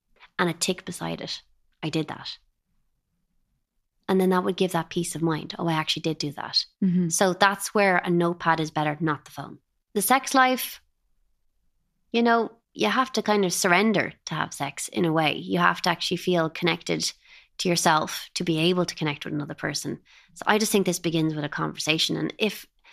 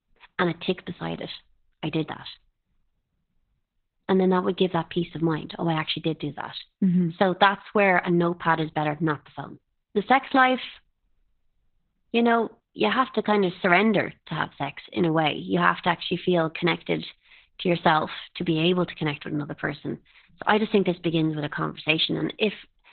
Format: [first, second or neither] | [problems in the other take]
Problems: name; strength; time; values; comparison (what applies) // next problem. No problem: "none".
first | garbled, watery; badly; nothing above 4 kHz